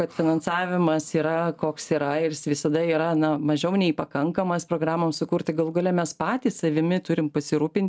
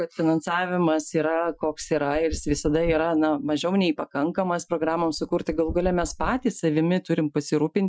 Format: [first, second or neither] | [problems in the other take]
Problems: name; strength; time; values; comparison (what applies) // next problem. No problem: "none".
first | noise reduction (classical method Wiener filter)